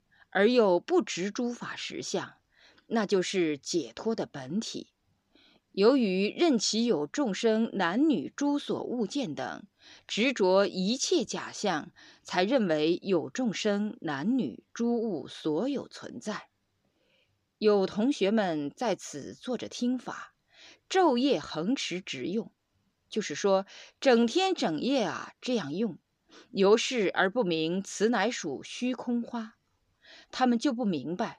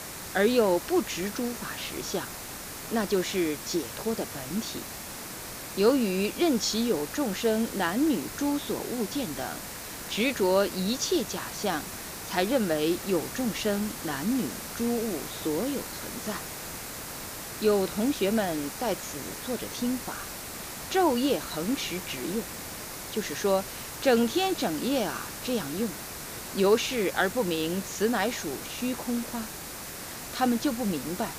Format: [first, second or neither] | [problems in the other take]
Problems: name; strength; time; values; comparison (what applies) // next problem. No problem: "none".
first | hiss; loud; throughout; 8 dB below the speech